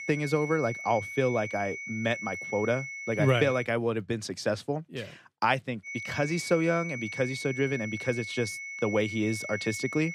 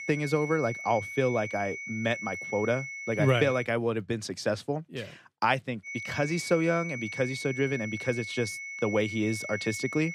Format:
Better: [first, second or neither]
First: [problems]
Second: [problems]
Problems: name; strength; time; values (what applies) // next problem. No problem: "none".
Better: neither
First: high-pitched whine; loud; until 3.5 s and from 6 s on; 2 kHz, 7 dB below the speech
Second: high-pitched whine; loud; until 3.5 s and from 6 s on; 2 kHz, 7 dB below the speech